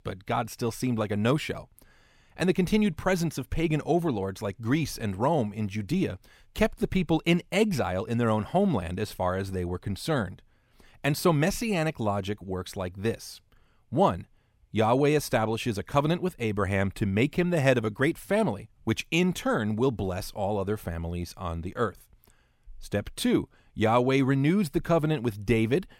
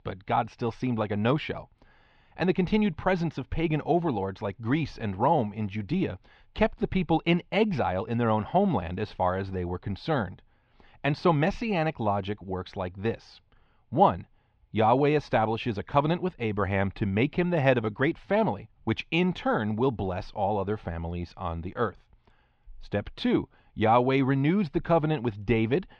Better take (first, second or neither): first